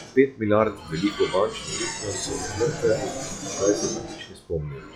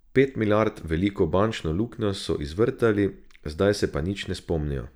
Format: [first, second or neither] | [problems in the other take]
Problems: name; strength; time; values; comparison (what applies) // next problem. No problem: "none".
second | noise reduction (classical method log-MMSE)